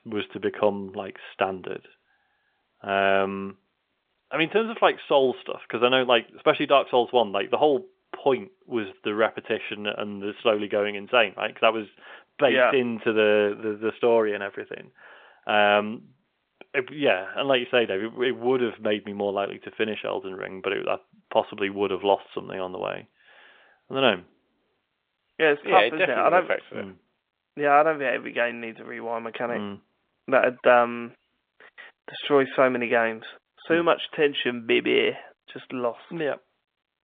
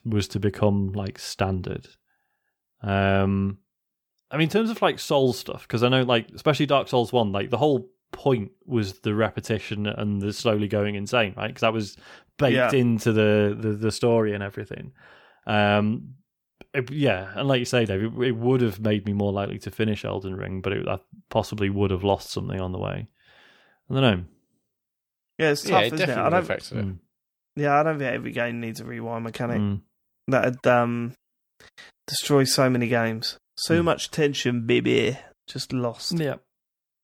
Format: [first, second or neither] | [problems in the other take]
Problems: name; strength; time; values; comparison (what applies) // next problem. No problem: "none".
second | phone-call audio; nothing above 3.5 kHz